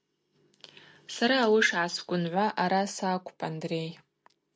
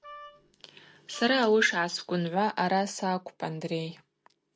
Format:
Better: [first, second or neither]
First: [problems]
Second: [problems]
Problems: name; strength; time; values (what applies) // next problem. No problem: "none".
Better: first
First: none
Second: background sound (Wind instrument, woodwind instrument); 19 dB below the speech